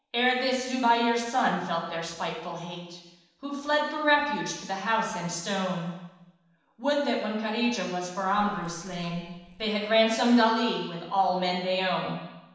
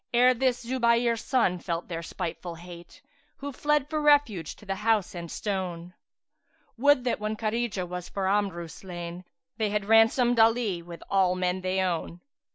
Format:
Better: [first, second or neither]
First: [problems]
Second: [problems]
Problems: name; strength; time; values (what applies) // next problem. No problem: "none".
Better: second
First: noise reduction (neural separator model SepFormer DNS4)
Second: none